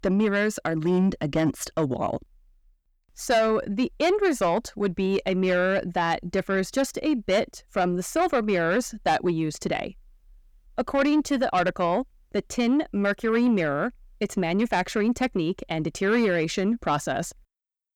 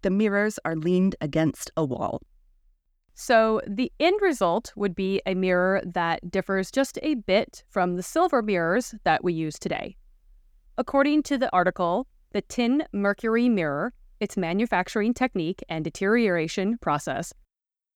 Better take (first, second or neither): second